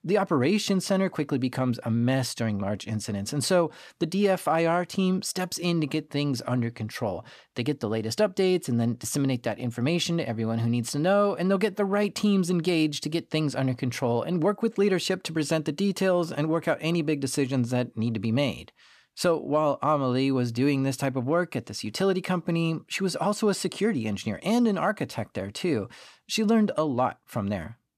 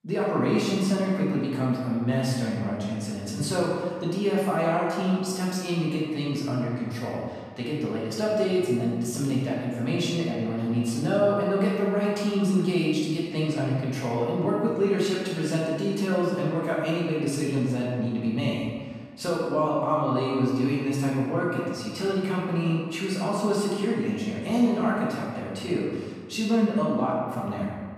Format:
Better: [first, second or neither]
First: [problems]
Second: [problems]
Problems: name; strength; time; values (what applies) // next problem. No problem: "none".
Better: first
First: none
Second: room echo; strong; dies away in 1.6 s // off-mic speech; far